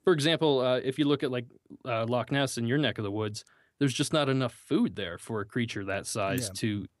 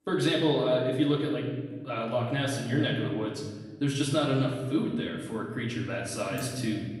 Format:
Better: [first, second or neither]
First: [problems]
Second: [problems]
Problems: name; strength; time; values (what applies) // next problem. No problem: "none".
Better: first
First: none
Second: off-mic speech; far // room echo; noticeable; dies away in 1.2 s